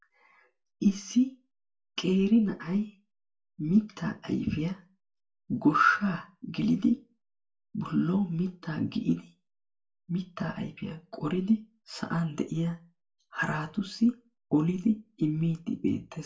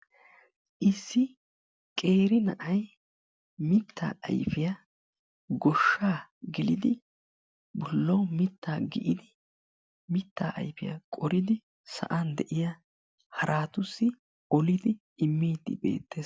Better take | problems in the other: second | room echo; dies away in 0.2 s

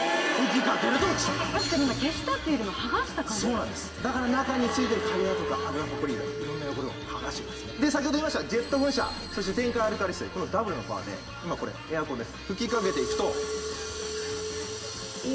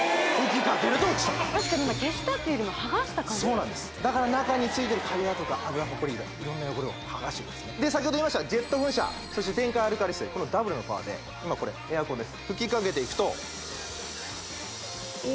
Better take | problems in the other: second | background sound (Chink, clink); 10 dB below the speech // room echo; dies away in 1.6 s

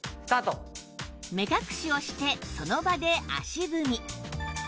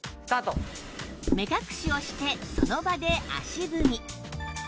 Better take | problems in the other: first | background sound (Drawer open or close); 1 dB below the speech

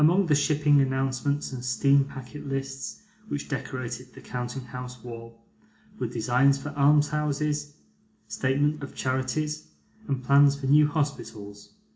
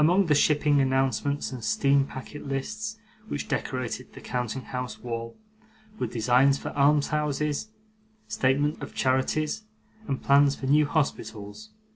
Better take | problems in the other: second | room echo; dies away in 0.4 s

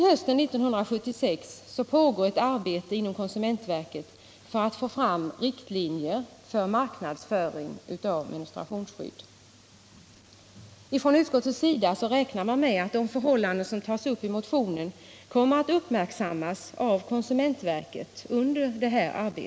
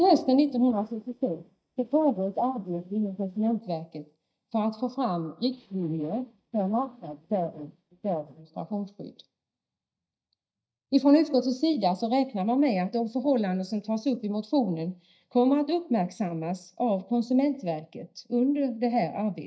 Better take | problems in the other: first | noise reduction (neural mask model DeepFilterNet 3)

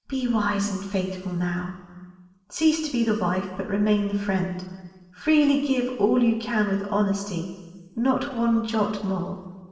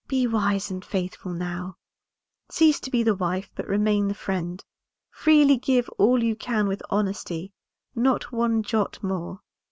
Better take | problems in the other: second | room echo; dies away in 1.4 s

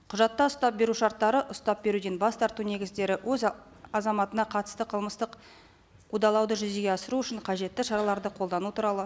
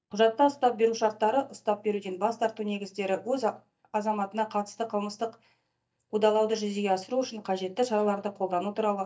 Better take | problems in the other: first | noise reduction (neural mask model DeepFilterNet 3)

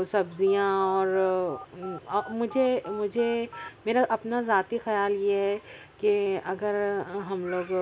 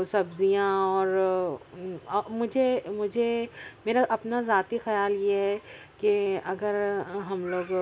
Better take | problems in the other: second | background sound (Telephone); 17 dB below the speech

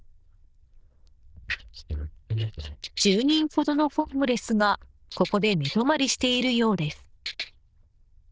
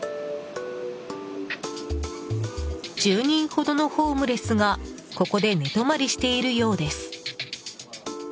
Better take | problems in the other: second | noise reduction (neural diffusion model UNIVERSE++)

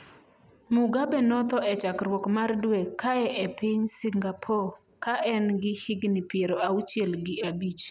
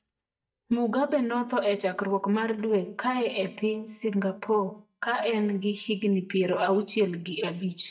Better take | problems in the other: first | noise reduction (neural mask model DeepFilterNet 3)

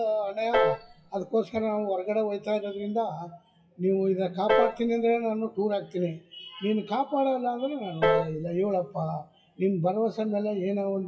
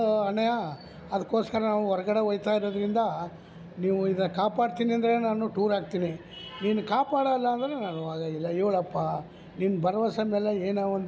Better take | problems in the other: second | noise reduction (classical method WPE with log-MMSE)

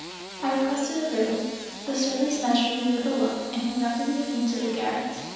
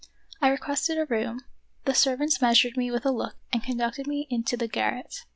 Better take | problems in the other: second | background sound (Engine starting / Sawing); 12 dB below the speech // room echo; dies away in 1.2 s

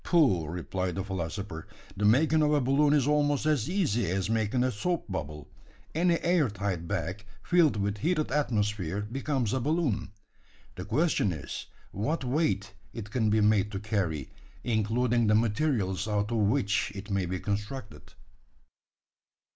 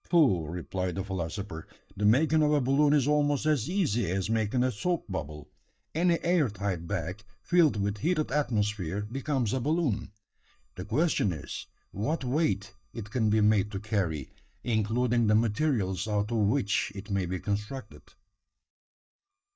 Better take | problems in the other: first | noise reduction (neural mask model DeepFilterNet 3)

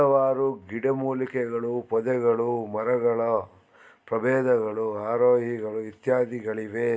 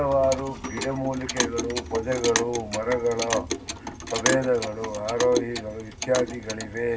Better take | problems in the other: first | background sound (Clock); 5 dB below the speech // room echo; dies away in 0.4 s

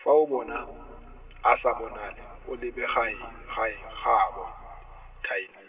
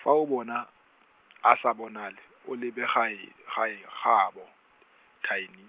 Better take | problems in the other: second | background sound (Idling / Car); 18 dB below the speech // room echo; dies away in 2.6 s

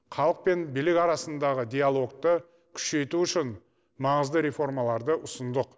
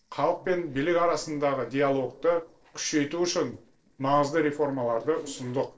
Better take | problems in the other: first | noise reduction (neural separator model SepFormer DNS4)

